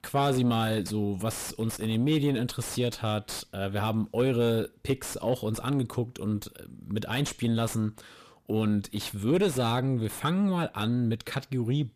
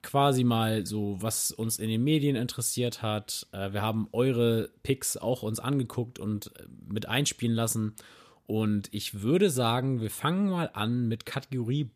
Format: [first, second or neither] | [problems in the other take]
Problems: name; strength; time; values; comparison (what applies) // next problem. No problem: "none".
second | distortion; slight; 10 dB below the speech